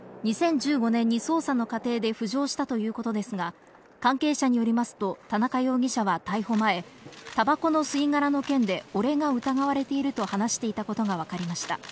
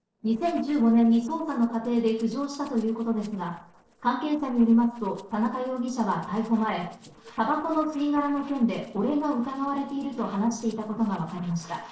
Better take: first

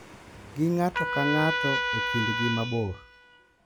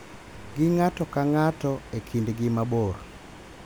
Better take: second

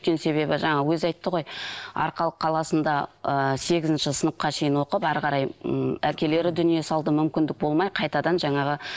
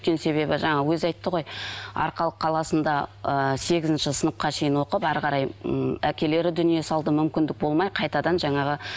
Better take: second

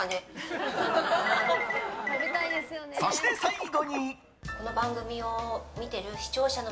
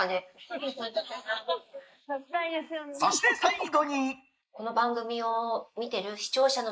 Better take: first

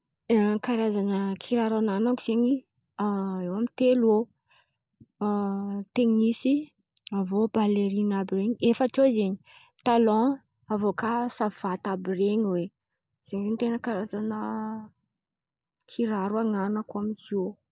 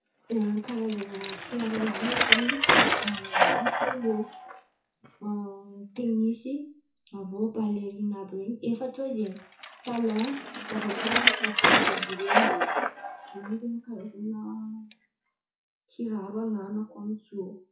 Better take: first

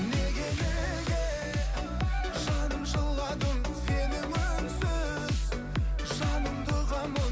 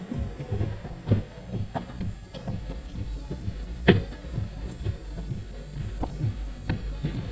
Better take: first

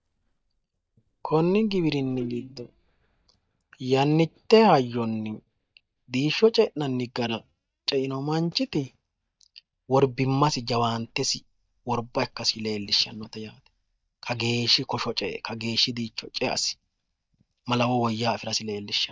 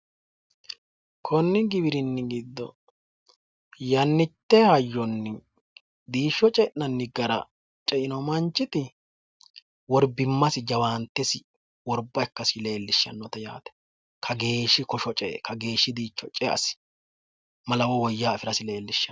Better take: second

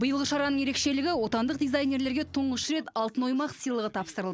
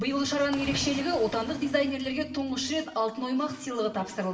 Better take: first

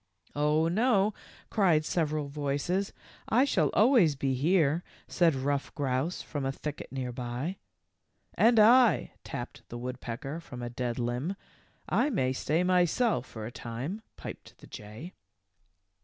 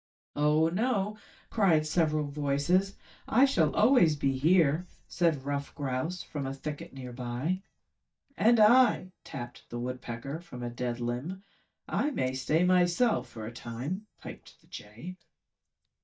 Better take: first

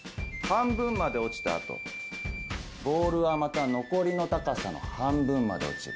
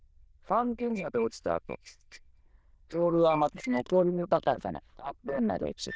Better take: first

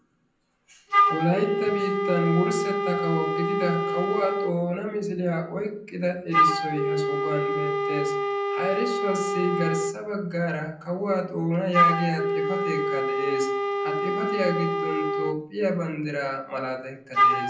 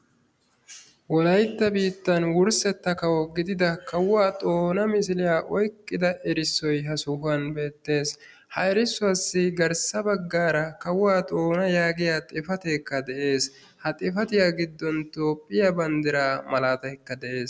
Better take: second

